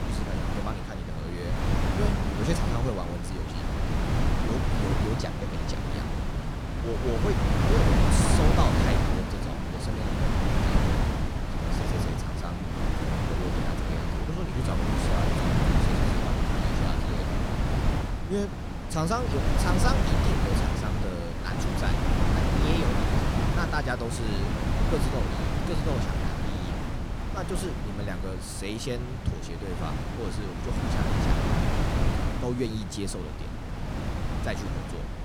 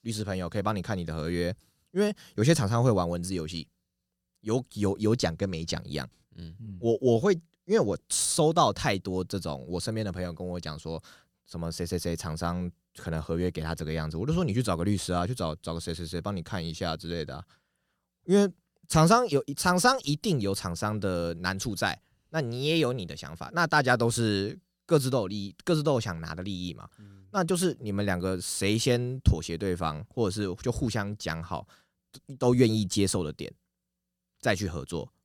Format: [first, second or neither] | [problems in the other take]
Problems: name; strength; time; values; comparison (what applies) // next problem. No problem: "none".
second | wind noise on the microphone; heavy; 3 dB above the speech